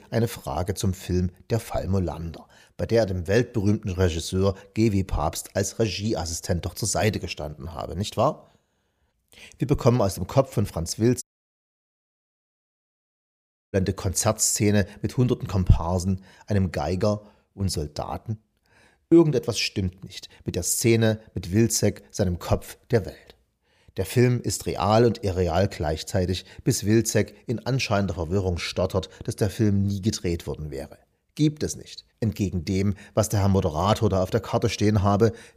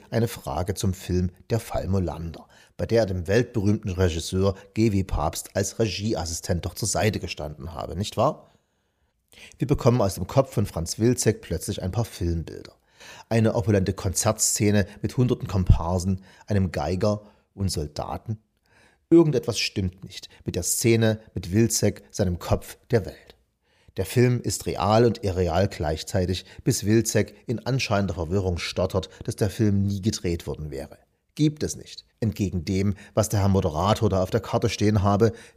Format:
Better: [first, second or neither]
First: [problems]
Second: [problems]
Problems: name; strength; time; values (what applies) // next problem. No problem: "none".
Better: second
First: audio cutting out; at 11 s for 2.5 s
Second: none